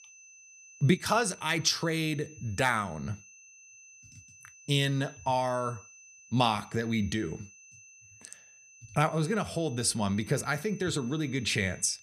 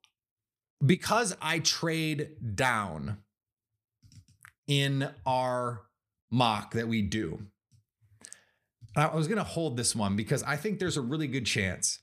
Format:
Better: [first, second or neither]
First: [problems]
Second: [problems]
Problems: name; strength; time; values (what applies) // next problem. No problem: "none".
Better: second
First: high-pitched whine; faint; throughout; 6 kHz, 20 dB below the speech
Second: none